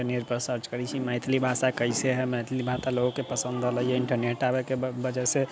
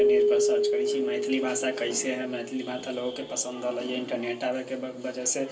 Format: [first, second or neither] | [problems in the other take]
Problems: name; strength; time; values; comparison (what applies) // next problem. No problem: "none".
first | background sound (Keyboard (musical)); 2 dB above the speech // room echo; dies away in 0.3 s